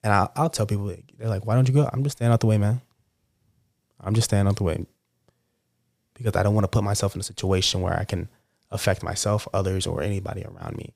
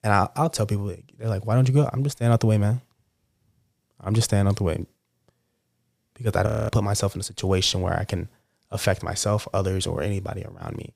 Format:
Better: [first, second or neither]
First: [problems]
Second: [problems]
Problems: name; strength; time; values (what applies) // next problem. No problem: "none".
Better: first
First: none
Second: audio freezing; at 6.5 s